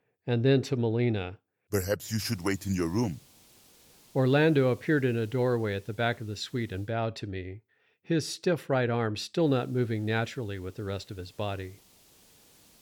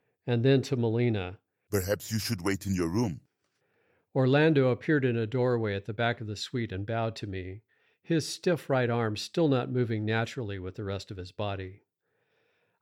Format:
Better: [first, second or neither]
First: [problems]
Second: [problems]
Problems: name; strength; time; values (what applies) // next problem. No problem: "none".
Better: second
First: hiss; faint; from 2.5 to 7 s and from 9.5 s on; 30 dB below the speech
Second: none